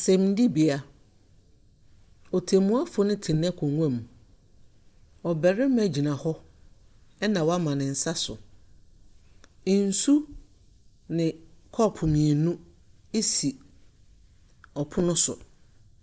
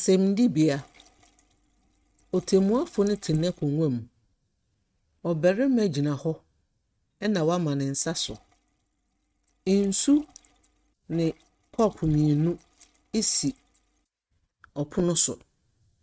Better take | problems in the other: first | noise reduction (neural mask model RNNoise)

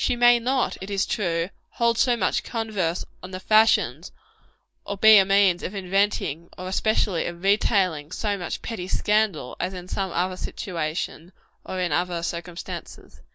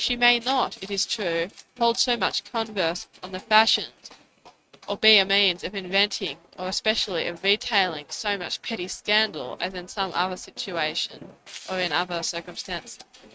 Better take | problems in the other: first | noise reduction (neural mask model RNNoise)

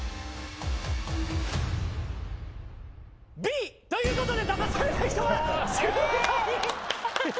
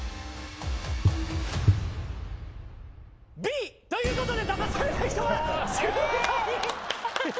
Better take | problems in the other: first | background sound (Walk, footsteps / Bird vocalization, bird call, bird song); 1 dB below the speech

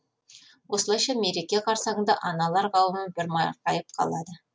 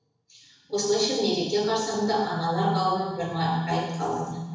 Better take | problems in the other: first | room echo; dies away in 1.1 s

